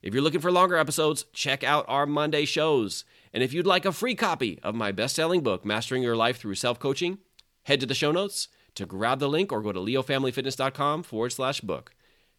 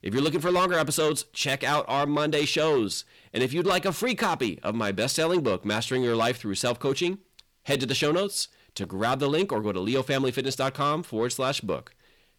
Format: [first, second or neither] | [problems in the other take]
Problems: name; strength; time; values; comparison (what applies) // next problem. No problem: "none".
first | distortion; slight; 10 dB below the speech